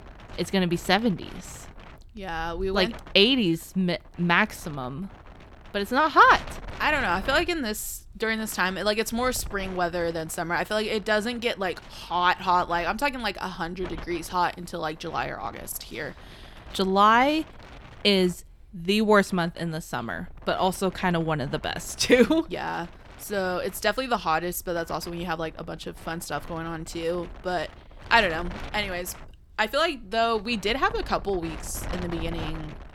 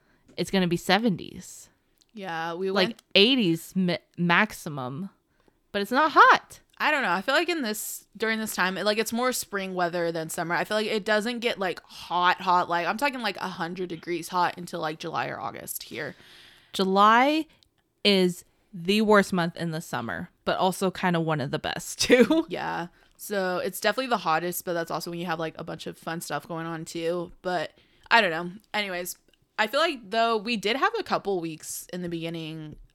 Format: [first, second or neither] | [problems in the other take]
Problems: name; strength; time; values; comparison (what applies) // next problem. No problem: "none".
second | wind noise on the microphone; occasional gusts; 20 dB below the speech